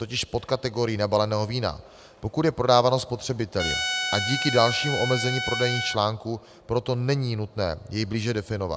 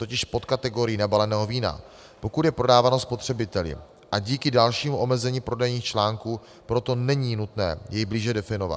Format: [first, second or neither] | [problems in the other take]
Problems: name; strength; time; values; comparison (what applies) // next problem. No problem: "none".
second | background sound (Trumpet); 3 dB below the speech